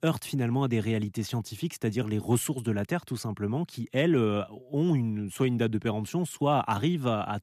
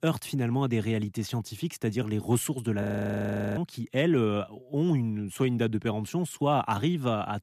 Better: first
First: none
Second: audio freezing; at 3 s for 0.5 s

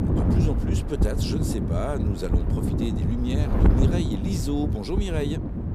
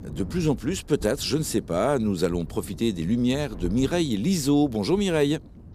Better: second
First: wind noise on the microphone; heavy; 1 dB below the speech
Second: wind noise on the microphone; occasional gusts; 25 dB below the speech

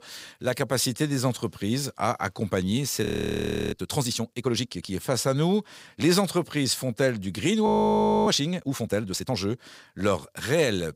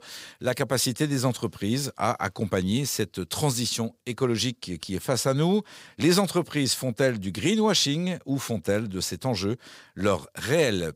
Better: second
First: audio freezing; at 3 s for 0.5 s and at 7.5 s for 0.5 s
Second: none

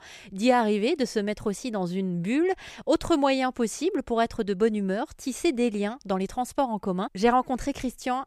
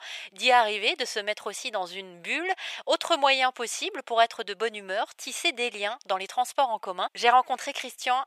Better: first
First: none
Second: thin; very; fading below 850 Hz

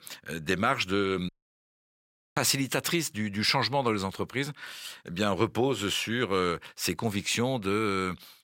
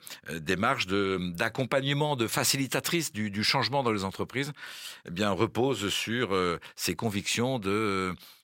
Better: second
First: audio cutting out; at 1.5 s for 1 s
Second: none

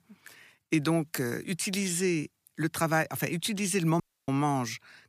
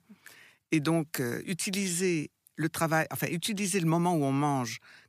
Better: second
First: audio cutting out; at 4 s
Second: none

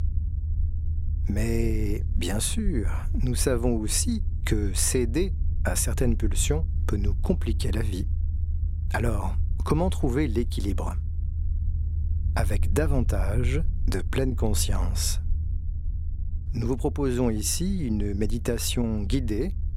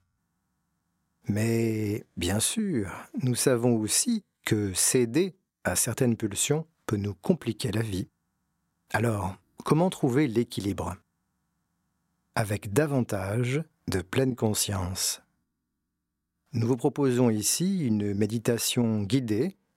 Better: second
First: low rumble; noticeable; throughout; 15 dB below the speech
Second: none

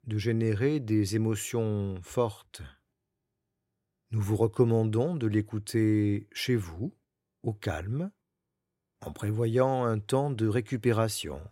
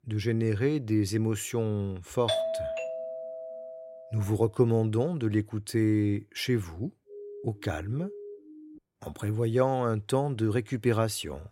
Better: first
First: none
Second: doorbell; noticeable; from 2.5 to 4 s; peak level with the speech // siren; faint; from 7 to 9 s; peak 15 dB below the speech

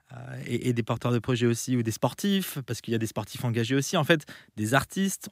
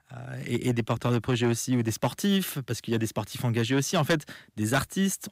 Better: first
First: none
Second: distortion; slight; 4% of the sound clipped

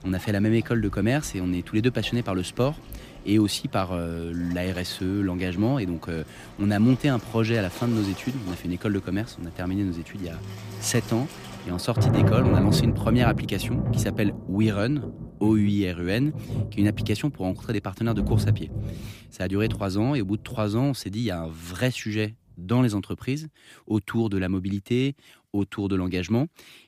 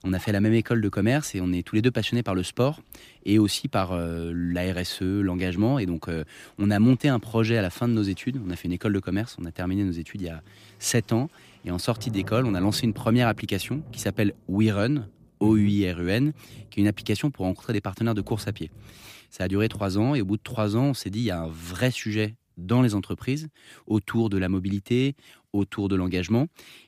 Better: second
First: rain or running water; loud; throughout; 3 dB below the speech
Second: rain or running water; faint; throughout; 20 dB below the speech

